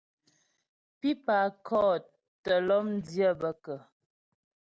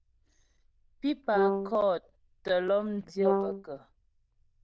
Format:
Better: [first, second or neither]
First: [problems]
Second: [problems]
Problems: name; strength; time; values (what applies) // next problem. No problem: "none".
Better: first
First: none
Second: noise reduction (neural diffusion model UNIVERSE++)